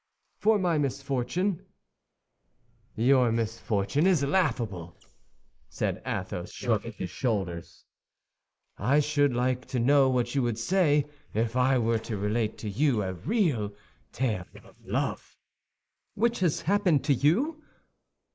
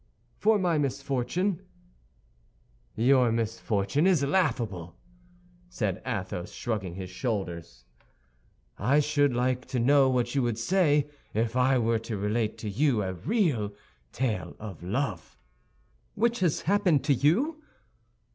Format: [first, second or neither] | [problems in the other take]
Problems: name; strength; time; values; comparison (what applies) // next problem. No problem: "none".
second | noise reduction (neural mask model Resemble Enhance denoiser)